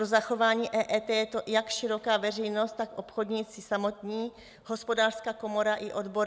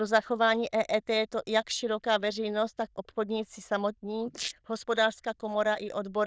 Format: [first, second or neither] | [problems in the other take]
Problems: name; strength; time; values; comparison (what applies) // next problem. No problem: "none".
first | noise reduction (neural diffusion model UNIVERSE++)